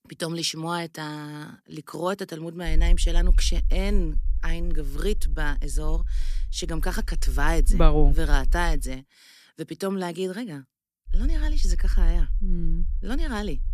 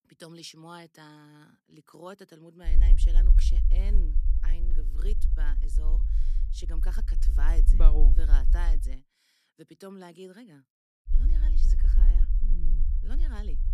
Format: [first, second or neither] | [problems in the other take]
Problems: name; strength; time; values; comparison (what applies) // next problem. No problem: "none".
first | low rumble; loud; from 2.5 to 9 s and from 11 s on; 6 dB below the speech; faint in the first